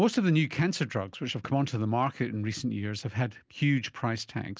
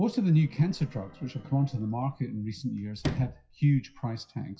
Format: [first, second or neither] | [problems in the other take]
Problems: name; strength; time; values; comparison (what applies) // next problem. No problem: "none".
first | noise reduction (classical method WPE with log-MMSE)